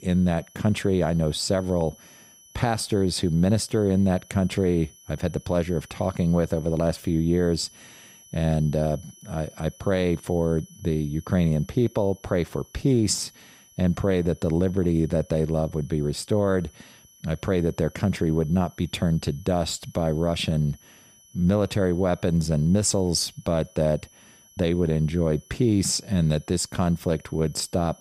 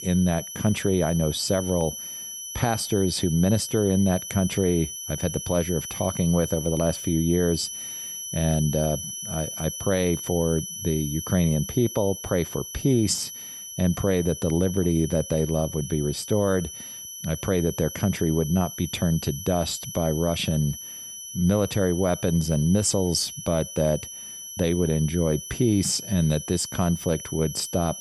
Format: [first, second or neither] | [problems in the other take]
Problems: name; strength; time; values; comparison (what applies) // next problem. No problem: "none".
first | high-pitched whine; loud; throughout; 6 kHz, 9 dB below the speech; faint in the first